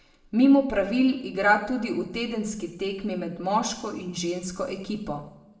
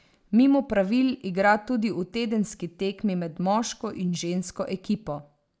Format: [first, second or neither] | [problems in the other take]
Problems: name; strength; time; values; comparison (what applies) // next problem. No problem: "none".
second | room echo; dies away in 0.7 s